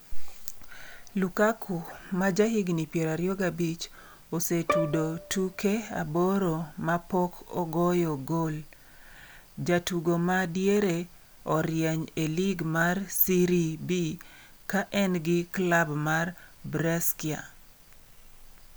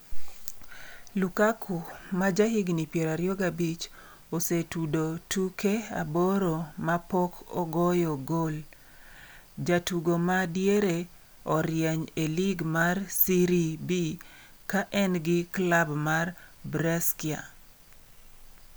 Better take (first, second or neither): second